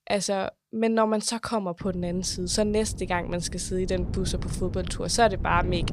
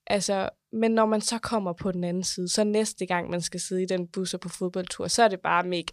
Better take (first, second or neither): second